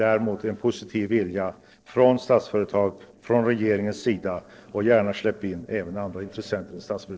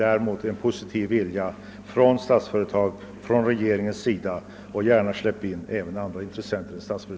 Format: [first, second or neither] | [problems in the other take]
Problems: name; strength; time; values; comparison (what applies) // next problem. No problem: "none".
second | noise reduction (neural separator model SepFormer DNS4)